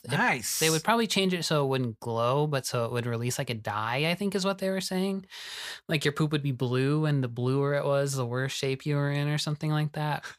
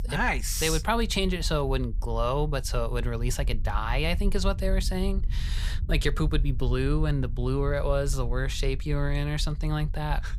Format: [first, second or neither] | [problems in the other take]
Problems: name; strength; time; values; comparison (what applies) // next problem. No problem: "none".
first | low rumble; faint; throughout; 20 dB below the speech